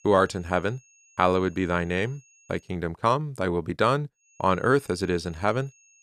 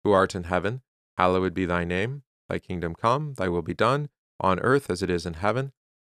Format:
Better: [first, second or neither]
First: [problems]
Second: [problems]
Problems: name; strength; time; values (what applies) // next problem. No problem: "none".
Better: second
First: high-pitched whine; faint; until 2.5 s and from 4.5 s on; 6.5 kHz, 30 dB below the speech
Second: none